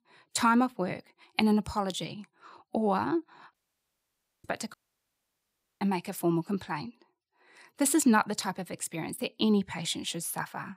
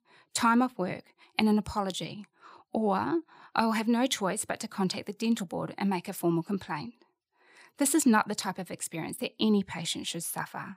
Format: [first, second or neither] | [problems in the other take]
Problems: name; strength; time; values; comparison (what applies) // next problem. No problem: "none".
second | audio cutting out; at 3.5 s for 1 s and at 4.5 s for 1 s